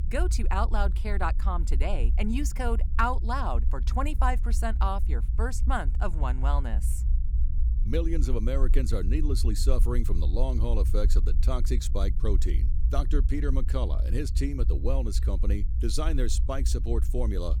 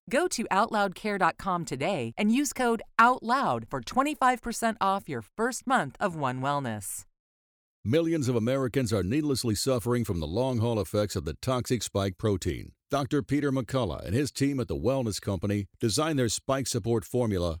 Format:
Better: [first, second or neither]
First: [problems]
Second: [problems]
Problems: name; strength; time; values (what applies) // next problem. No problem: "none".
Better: second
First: low rumble; noticeable; throughout; 15 dB below the speech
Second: none